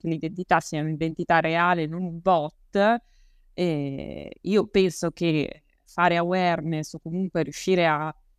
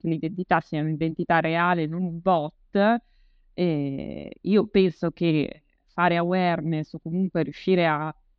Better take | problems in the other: first | muffled; very slightly; fading above 4 kHz

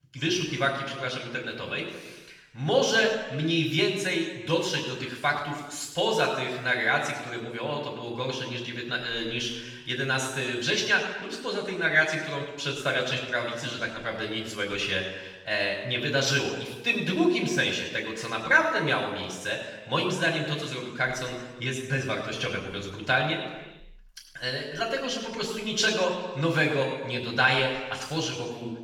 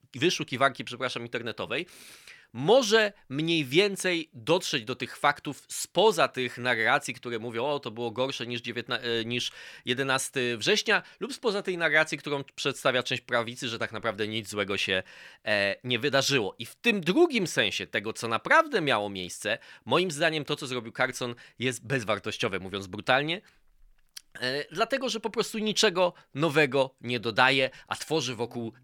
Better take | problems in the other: second | room echo; noticeable; dies away in 1.1 s // off-mic speech; far

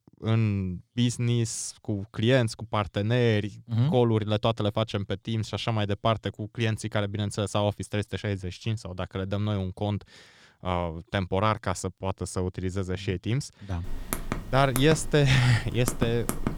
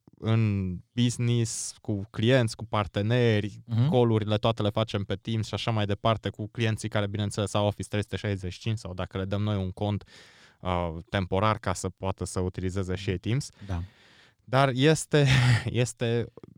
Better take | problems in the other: second | keyboard typing; noticeable; from 14 s on; peak 5 dB below the speech

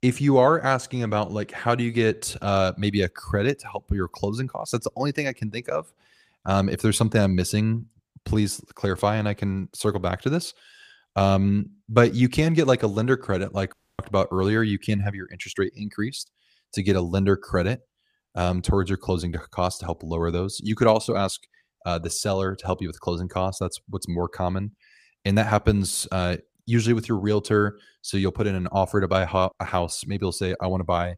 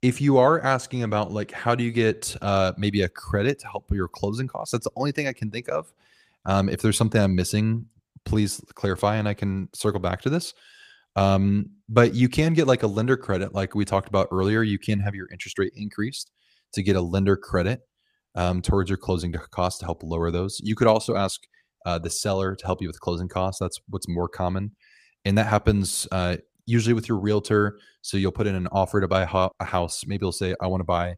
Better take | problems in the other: second | audio cutting out; at 14 s

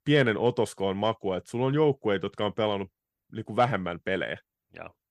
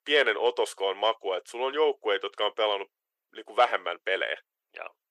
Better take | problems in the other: first | thin; very; fading below 400 Hz

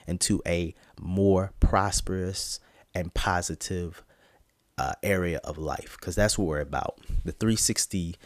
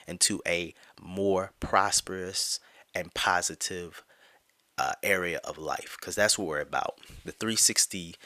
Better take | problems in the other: first | thin; somewhat; fading below 700 Hz

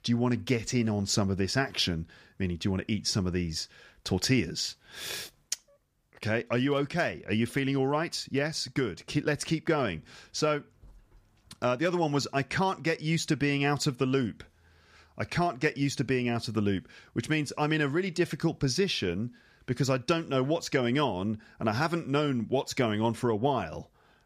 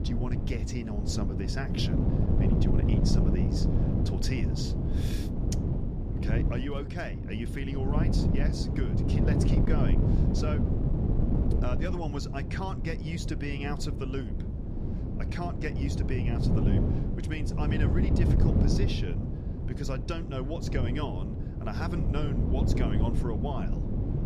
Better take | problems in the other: first | wind noise on the microphone; heavy; as loud as the speech

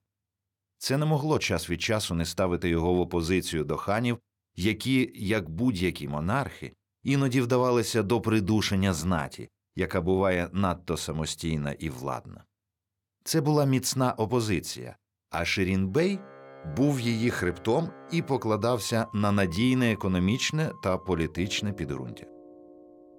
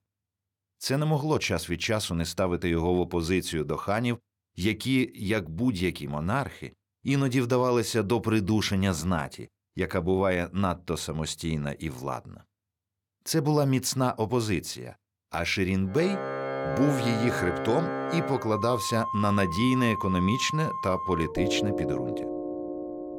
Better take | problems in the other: first | background music; loud; from 16 s on; 4 dB below the speech; faint in the first

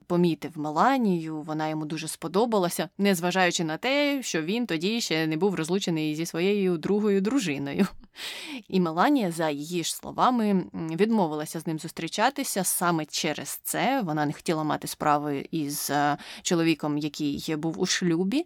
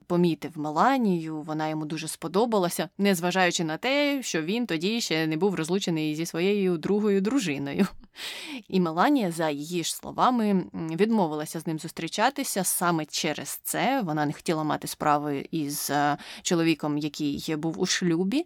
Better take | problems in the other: neither | none

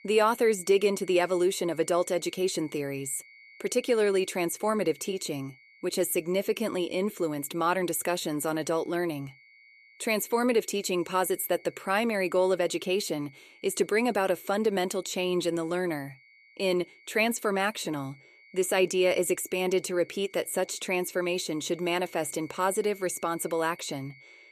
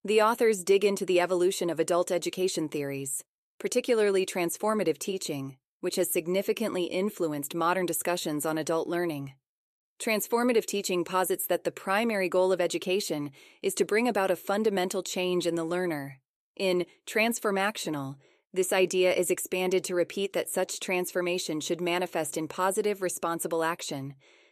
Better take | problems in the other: second | high-pitched whine; faint; throughout; 2 kHz, 25 dB below the speech

